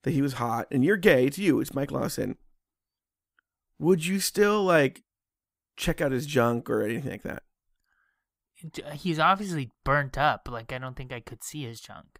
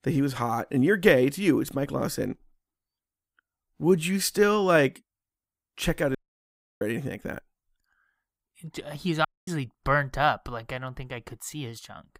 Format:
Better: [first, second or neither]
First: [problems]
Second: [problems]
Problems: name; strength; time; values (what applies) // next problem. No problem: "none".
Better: first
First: none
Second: audio cutting out; at 6 s for 0.5 s and at 9.5 s